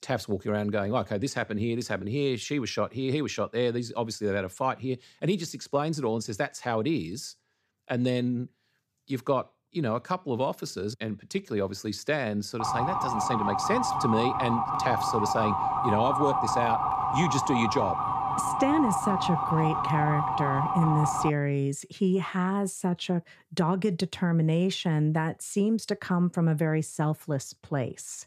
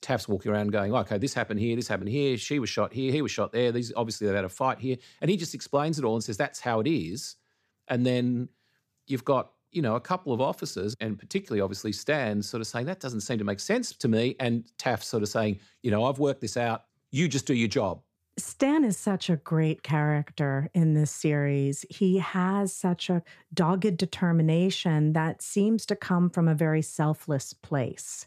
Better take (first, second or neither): second